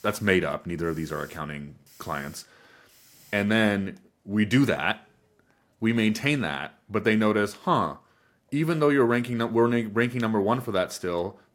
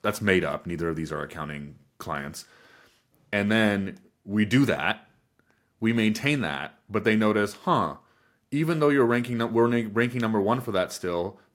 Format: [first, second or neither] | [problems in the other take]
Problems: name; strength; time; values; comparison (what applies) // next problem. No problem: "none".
second | hiss; faint; throughout; 30 dB below the speech